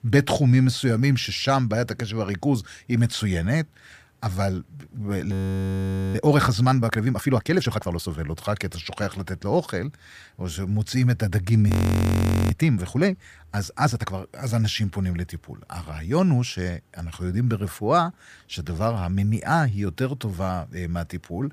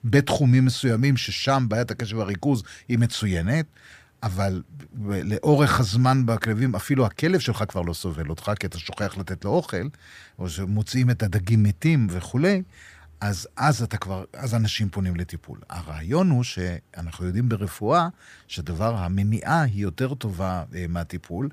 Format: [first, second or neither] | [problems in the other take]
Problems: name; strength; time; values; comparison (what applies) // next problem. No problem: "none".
second | audio freezing; at 5.5 s for 1 s and at 12 s for 1 s